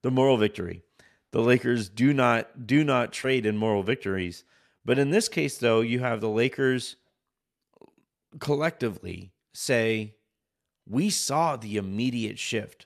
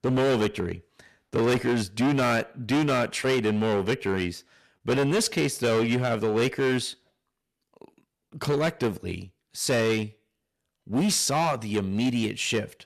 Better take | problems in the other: first | distortion; heavy; 14% of the sound clipped

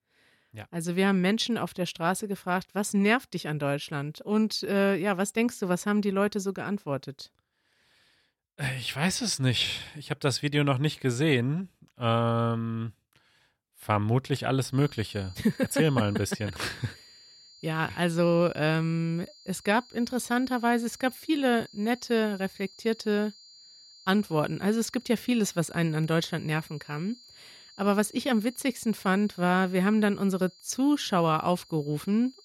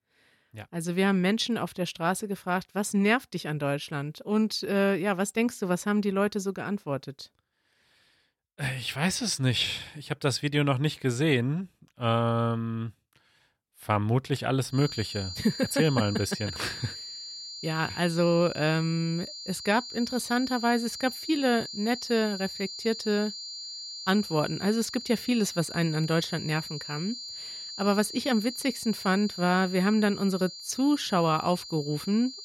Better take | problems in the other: first | high-pitched whine; loud; from 15 s on; 4.5 kHz, 9 dB below the speech; faint in the first

